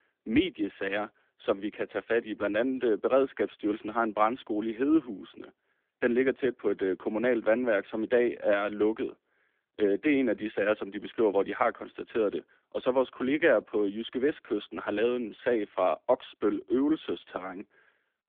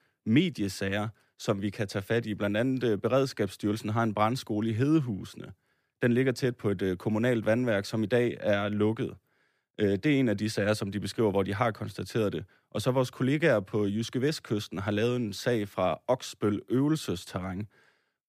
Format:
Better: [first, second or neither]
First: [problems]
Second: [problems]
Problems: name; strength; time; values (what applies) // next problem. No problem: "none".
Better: second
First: phone-call audio; nothing above 3.5 kHz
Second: none